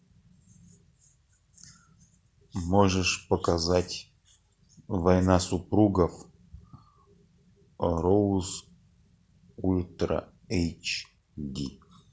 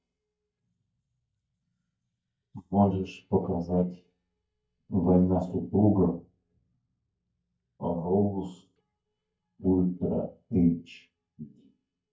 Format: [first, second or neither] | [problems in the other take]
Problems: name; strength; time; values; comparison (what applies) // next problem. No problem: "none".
first | noise reduction (neural mask model DeepFilterNet 3)